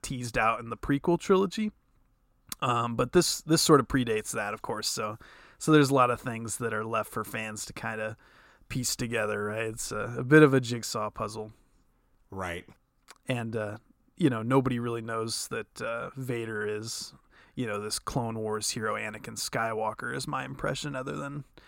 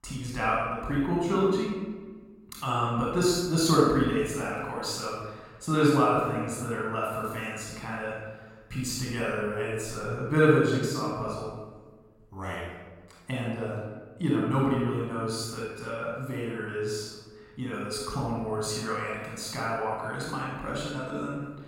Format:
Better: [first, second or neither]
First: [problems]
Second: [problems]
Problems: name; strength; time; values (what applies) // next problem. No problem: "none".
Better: first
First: none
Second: off-mic speech; far // room echo; strong; dies away in 1.2 s